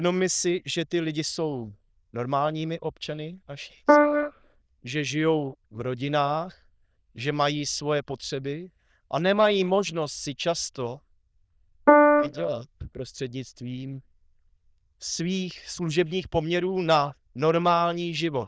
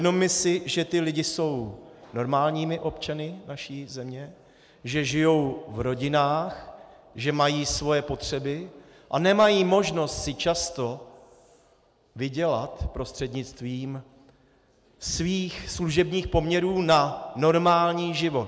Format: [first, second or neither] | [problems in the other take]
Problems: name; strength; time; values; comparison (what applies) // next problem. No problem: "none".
second | noise reduction (neural diffusion model UNIVERSE++)